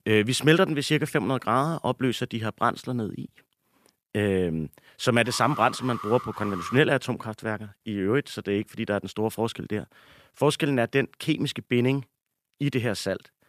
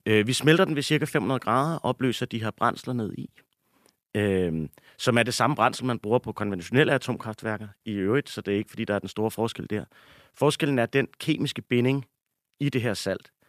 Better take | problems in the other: second | alarm; noticeable; from 5 to 7 s; peak 10 dB below the speech

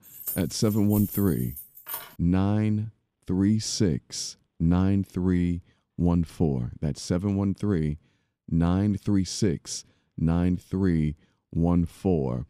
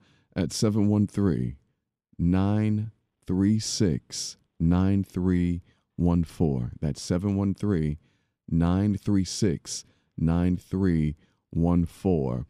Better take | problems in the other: second | jangling keys; noticeable; until 2 s; peak 7 dB below the speech

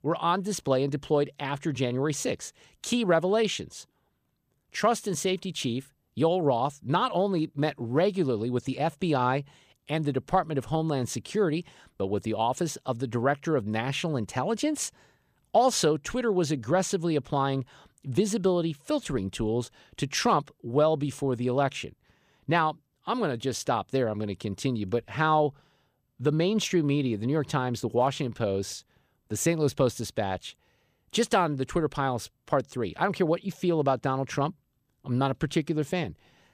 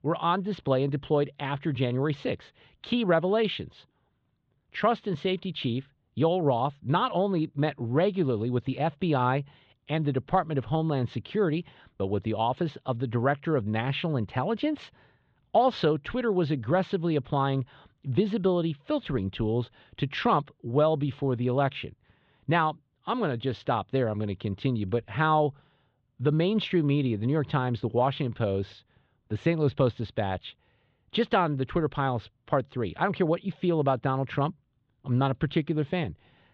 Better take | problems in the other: first | muffled; very; fading above 3.5 kHz

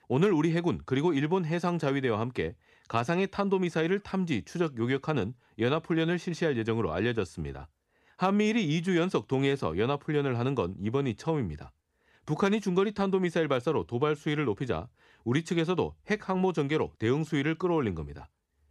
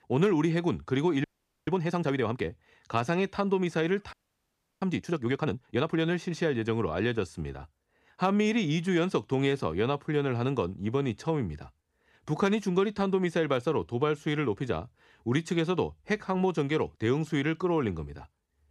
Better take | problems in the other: first | audio freezing; at 1 s and at 4 s for 0.5 s

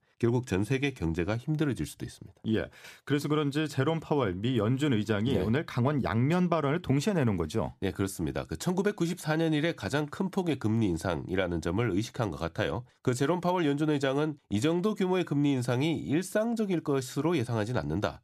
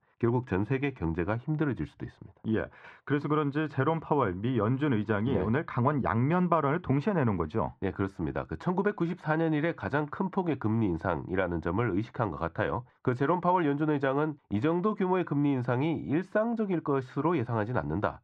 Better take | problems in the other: first | muffled; very; fading above 2 kHz

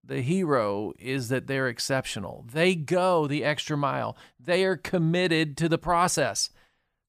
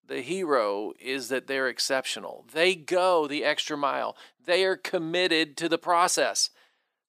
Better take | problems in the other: first | thin; somewhat; fading below 300 Hz

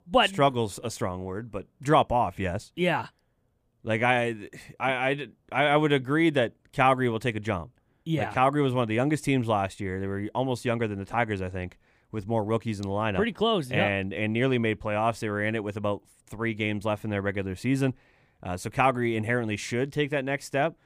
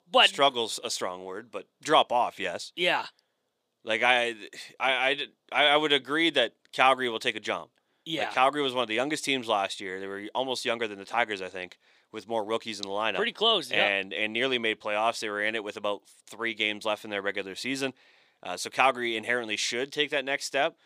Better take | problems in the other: first | thin; somewhat; fading below 400 Hz

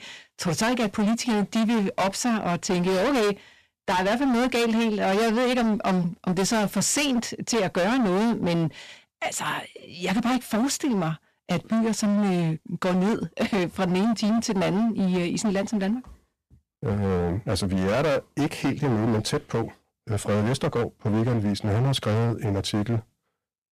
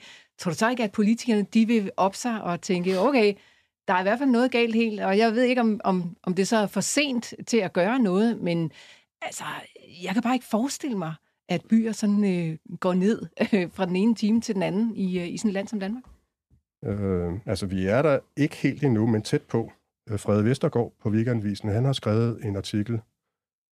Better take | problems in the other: second | distortion; heavy; 26% of the sound clipped

